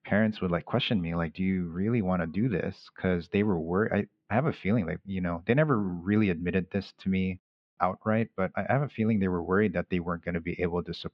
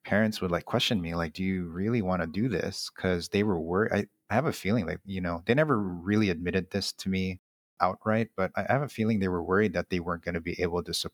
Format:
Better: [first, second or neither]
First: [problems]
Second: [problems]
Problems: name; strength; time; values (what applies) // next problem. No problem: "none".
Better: second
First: muffled; slightly; fading above 3 kHz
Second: none